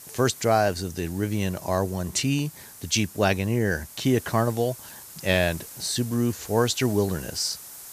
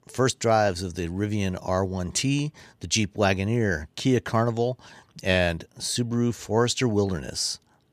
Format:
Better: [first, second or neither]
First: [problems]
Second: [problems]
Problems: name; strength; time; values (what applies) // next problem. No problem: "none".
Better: second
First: hiss; noticeable; throughout; 15 dB below the speech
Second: none